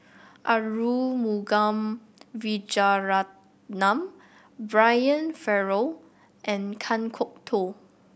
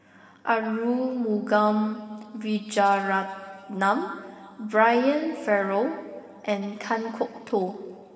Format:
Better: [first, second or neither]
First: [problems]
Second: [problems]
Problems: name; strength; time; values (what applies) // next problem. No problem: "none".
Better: first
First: none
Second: room echo; dies away in 2.5 s